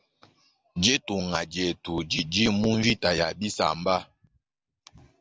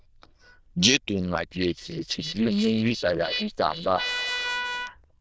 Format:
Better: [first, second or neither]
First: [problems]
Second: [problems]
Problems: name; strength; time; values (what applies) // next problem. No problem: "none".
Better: first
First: none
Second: noise reduction (neural diffusion model UNIVERSE++)